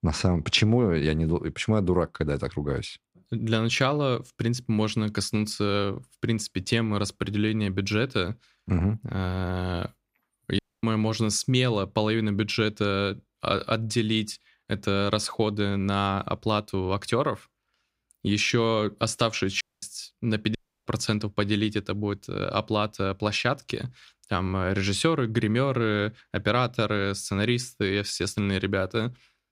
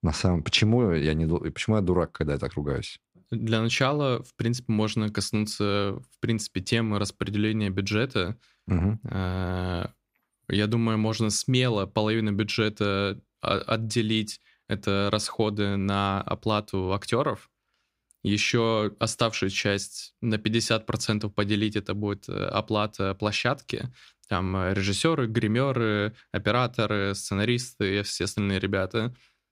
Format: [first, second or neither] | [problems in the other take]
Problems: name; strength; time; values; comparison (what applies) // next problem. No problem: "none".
second | audio cutting out; at 11 s, at 20 s and at 21 s